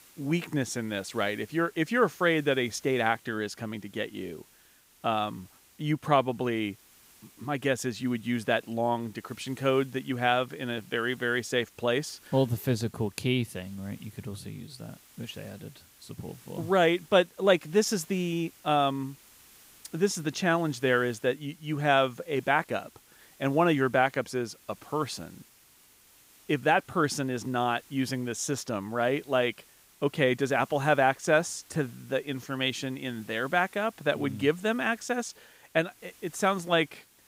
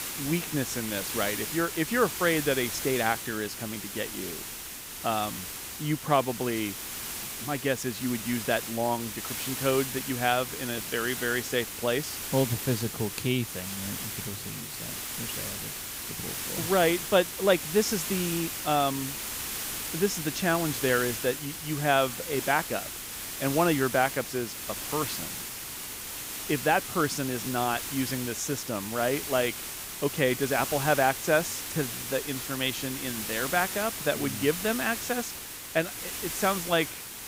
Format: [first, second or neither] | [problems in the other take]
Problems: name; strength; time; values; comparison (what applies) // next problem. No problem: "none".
first | hiss; loud; throughout; 5 dB below the speech; faint in the first